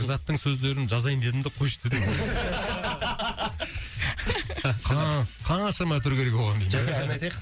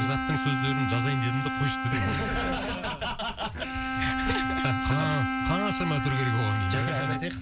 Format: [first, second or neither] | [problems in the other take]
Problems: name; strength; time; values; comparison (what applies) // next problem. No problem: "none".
first | background sound (Bowed string instrument); 2 dB below the speech